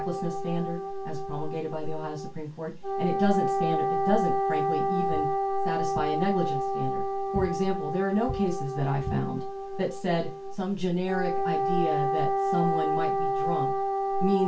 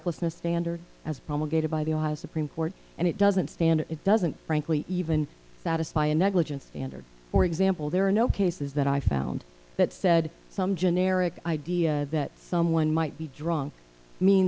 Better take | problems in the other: second | background sound (Wind instrument, woodwind instrument); as loud as the speech // room echo; dies away in 0.2 s

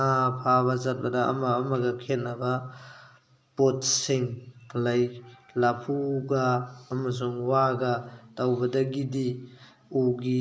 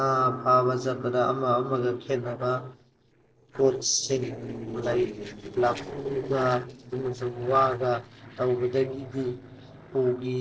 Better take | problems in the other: first | noise reduction (neural separator model SepFormer DNS4)

